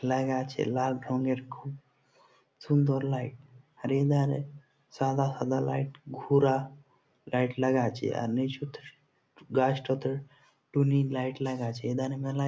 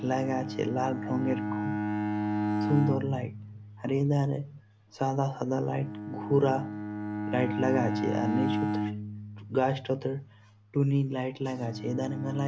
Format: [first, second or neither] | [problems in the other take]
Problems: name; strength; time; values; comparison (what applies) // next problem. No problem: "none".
first | background sound (Bowed string instrument); 4 dB below the speech